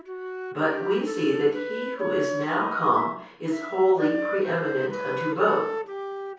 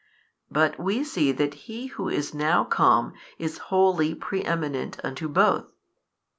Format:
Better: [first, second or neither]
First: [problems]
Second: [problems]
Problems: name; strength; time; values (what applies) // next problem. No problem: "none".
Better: second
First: background sound (Wind instrument, woodwind instrument); 6 dB below the speech // room echo; dies away in 0.6 s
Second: none